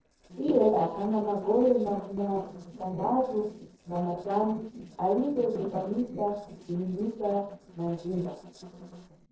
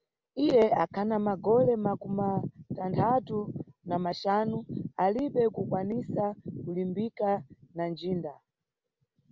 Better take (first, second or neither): second